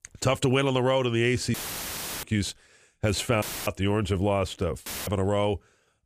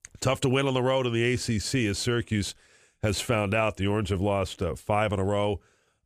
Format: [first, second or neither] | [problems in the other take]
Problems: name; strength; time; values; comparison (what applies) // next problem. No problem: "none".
second | audio cutting out; filled with static; at 1.5 s for 0.5 s, at 3.5 s and at 5 s